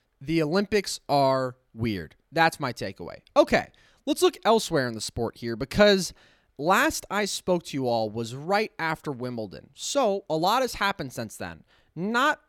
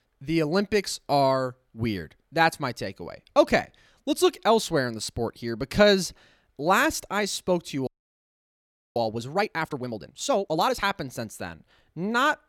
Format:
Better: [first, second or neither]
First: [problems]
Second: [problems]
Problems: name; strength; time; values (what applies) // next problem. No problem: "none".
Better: first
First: none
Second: audio freezing; at 8 s for 1 s